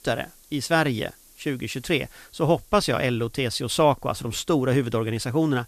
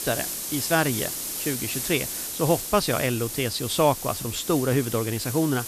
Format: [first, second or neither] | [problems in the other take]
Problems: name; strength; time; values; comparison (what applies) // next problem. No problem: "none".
first | hiss; loud; throughout; 4 dB below the speech; faint in the first